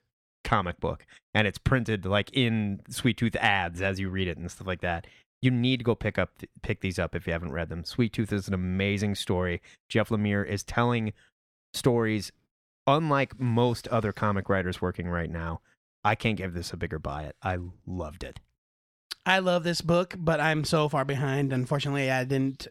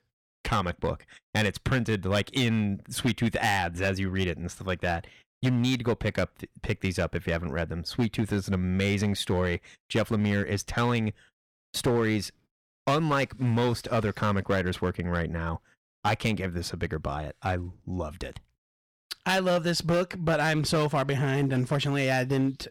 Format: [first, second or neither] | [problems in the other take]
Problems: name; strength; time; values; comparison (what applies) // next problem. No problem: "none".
first | distortion; slight; 6% of the sound clipped